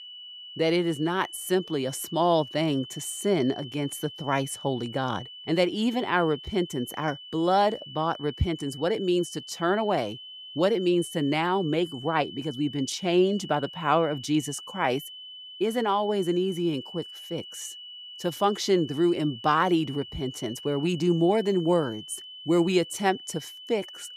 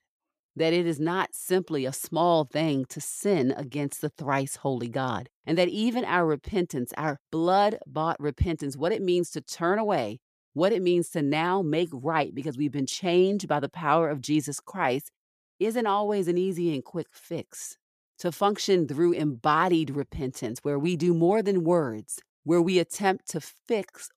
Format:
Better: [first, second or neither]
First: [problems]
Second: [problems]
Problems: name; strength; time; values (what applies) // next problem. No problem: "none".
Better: second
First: high-pitched whine; noticeable; throughout; 3 kHz, 15 dB below the speech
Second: none